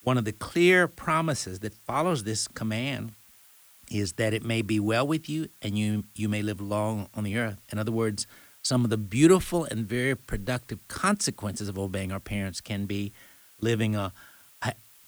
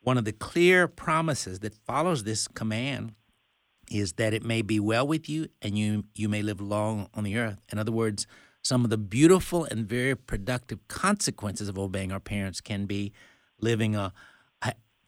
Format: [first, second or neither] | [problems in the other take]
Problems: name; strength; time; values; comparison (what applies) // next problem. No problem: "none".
second | hiss; faint; throughout; 25 dB below the speech